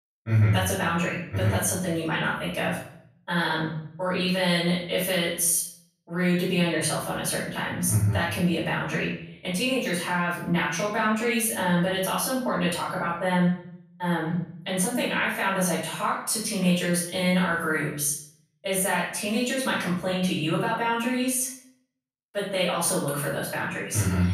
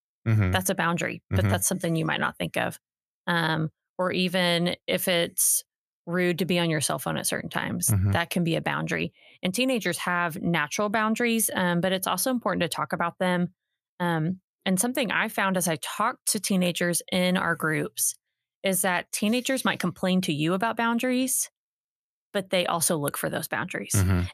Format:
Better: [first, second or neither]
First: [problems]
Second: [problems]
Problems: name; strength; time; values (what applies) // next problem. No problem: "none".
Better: second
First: off-mic speech; far // room echo; noticeable; dies away in 0.5 s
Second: none